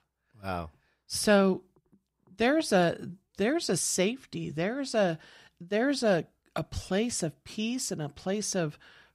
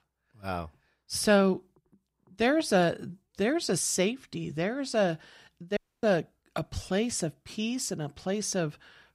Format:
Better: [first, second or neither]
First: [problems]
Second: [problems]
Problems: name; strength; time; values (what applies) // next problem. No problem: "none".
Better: first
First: none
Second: audio cutting out; at 6 s